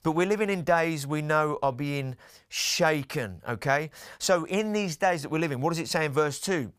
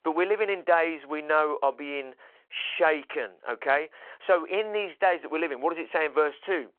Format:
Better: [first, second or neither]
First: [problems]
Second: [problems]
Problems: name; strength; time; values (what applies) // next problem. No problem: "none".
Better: first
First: none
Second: phone-call audio